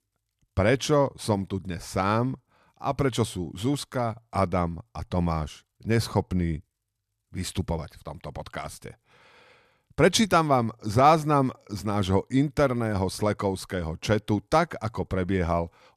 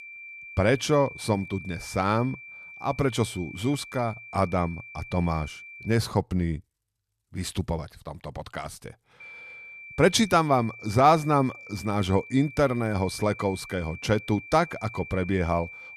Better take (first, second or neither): first